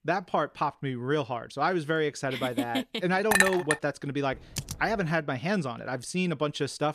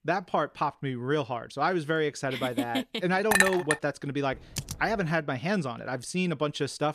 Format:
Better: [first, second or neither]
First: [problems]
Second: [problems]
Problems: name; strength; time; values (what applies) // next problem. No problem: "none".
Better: neither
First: clattering dishes; loud; at 3.5 s; peak 6 dB above the speech // keyboard typing; noticeable; at 4.5 s; peak 8 dB below the speech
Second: clattering dishes; loud; at 3.5 s; peak 6 dB above the speech // keyboard typing; noticeable; at 4.5 s; peak 8 dB below the speech